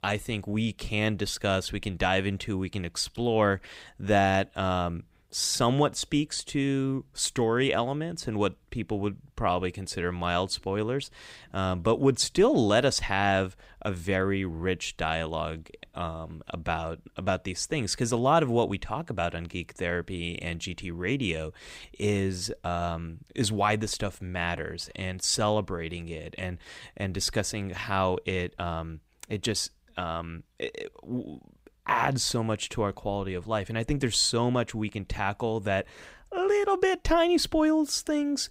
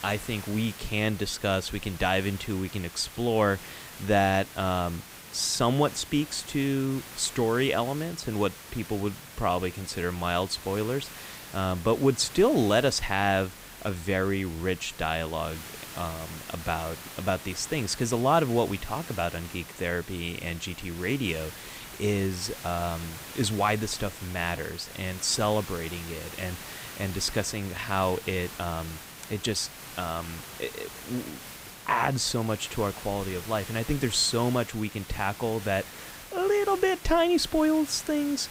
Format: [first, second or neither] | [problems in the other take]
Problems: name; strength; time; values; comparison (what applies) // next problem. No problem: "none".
first | hiss; noticeable; throughout; 15 dB below the speech